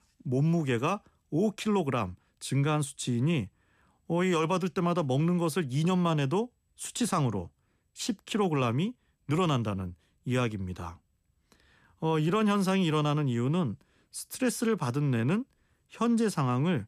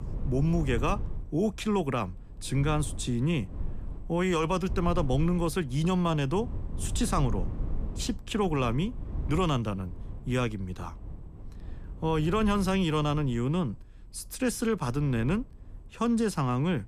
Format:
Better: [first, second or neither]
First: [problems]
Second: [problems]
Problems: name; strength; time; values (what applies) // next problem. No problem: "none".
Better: first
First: none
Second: low rumble; noticeable; throughout; 20 dB below the speech